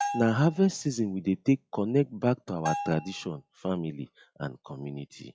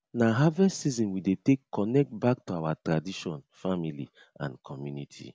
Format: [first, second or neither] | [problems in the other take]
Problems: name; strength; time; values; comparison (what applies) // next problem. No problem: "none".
second | noise reduction (classical method log-MMSE)